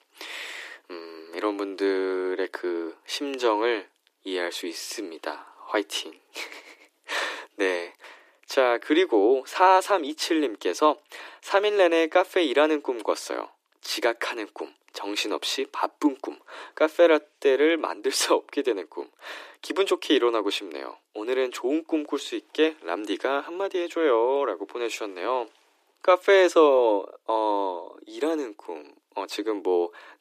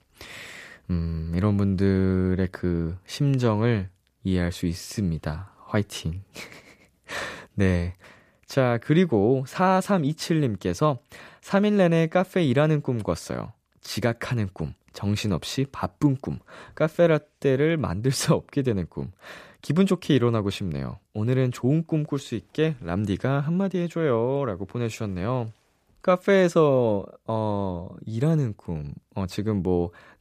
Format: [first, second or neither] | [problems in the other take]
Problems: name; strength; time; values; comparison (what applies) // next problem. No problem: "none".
second | thin; very; fading below 300 Hz